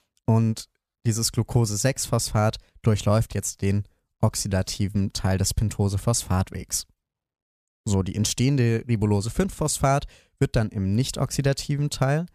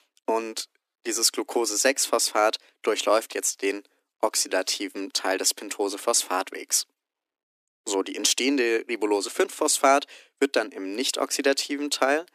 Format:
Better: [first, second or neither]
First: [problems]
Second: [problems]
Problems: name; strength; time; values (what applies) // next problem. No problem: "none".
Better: first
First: none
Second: thin; very; fading below 300 Hz